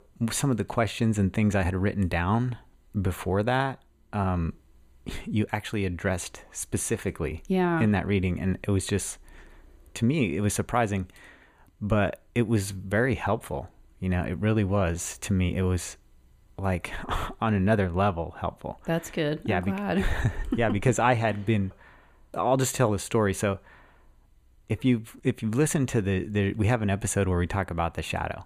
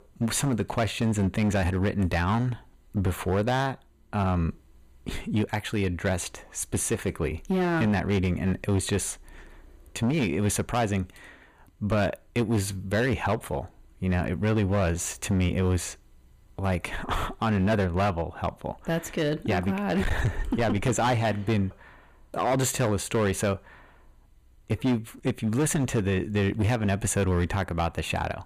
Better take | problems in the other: first | distortion; slight; 10% of the sound clipped

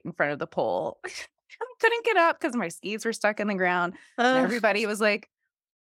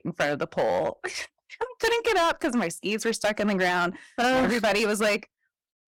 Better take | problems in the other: first | distortion; heavy; 11% of the sound clipped

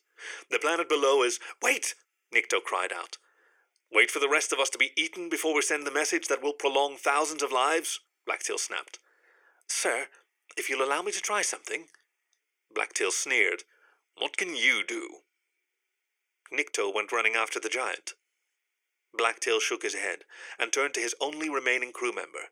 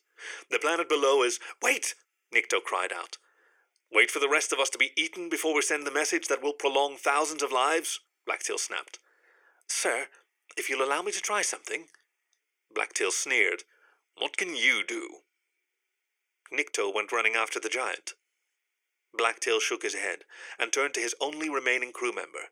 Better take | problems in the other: neither | thin; very; fading below 350 Hz; the same in both

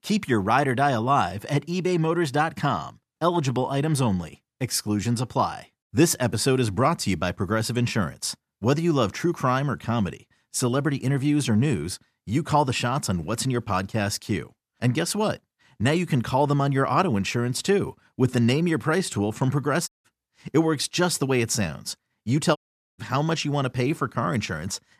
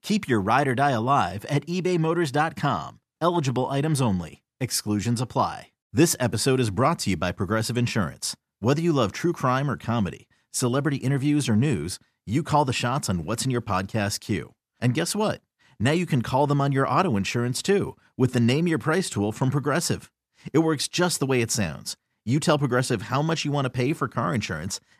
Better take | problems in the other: second | audio cutting out; at 20 s and at 23 s

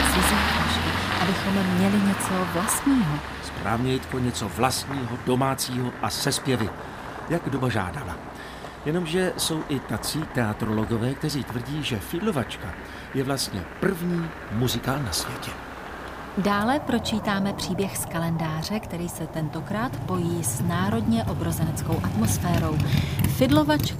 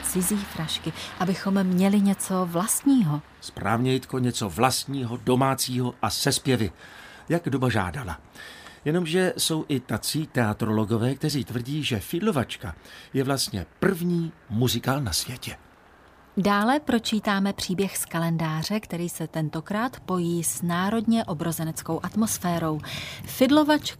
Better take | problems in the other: second | traffic noise; loud; throughout; 4 dB below the speech; faint in the second

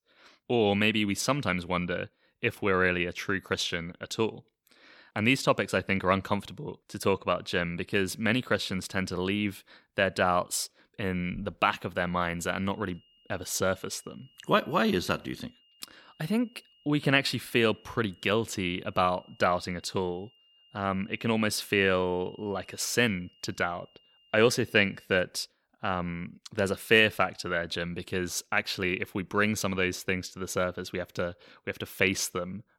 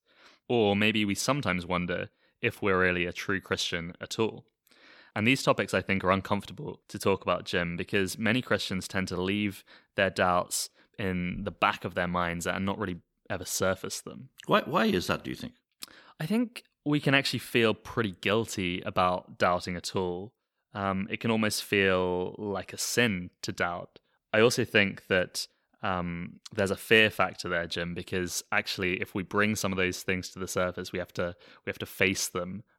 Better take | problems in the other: second | high-pitched whine; faint; from 12 to 25 s; 3 kHz, 30 dB below the speech

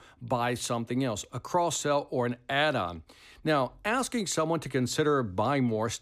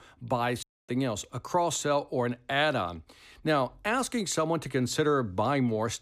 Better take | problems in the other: first | audio cutting out; at 0.5 s

